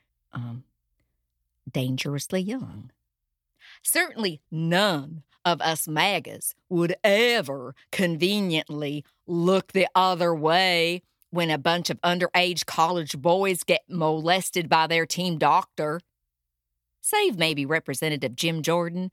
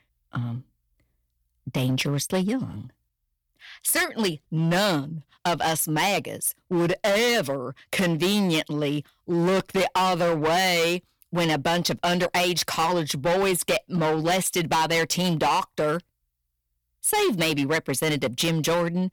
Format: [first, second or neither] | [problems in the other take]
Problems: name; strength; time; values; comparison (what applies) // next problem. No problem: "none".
first | distortion; heavy; 15% of the sound clipped